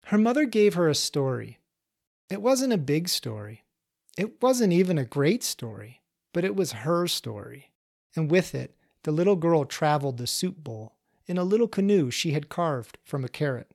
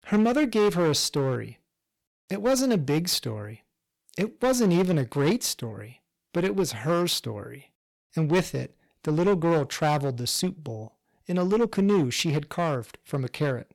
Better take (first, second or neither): first